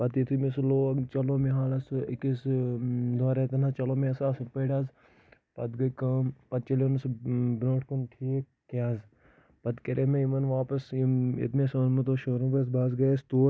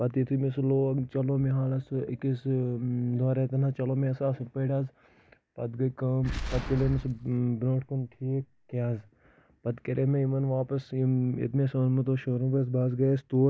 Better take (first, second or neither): first